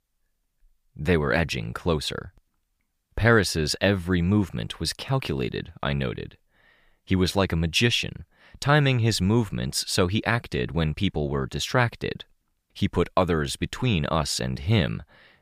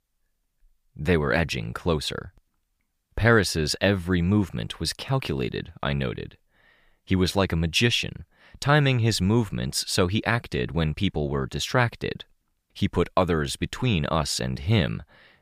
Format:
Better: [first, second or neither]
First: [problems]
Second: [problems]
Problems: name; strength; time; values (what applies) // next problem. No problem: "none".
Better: neither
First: none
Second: none